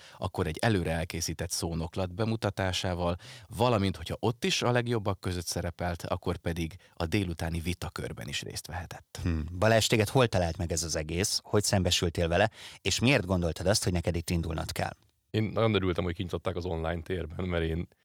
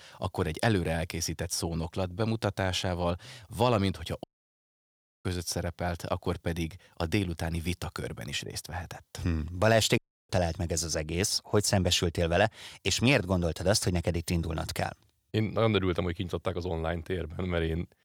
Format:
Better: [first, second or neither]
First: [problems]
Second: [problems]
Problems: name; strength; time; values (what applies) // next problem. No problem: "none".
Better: first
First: none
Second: audio cutting out; at 4 s for 1 s and at 10 s